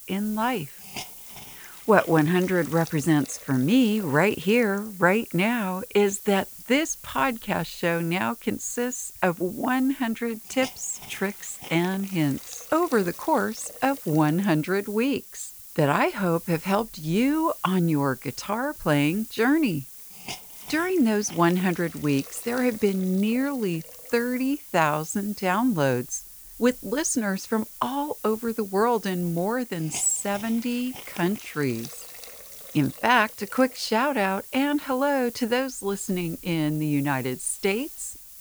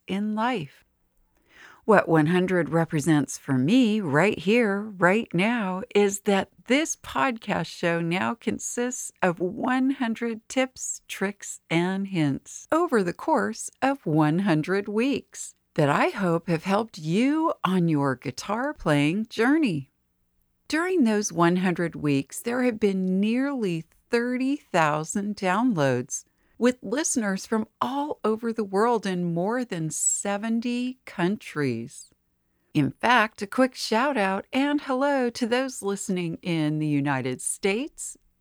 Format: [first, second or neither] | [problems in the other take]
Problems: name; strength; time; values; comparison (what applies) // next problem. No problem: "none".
second | hiss; noticeable; throughout; 15 dB below the speech